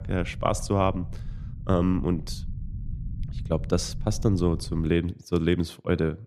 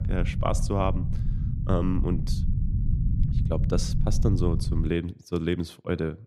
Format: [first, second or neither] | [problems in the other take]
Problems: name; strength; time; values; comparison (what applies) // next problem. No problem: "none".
first | low rumble; loud; until 5 s; 10 dB below the speech; faint in the first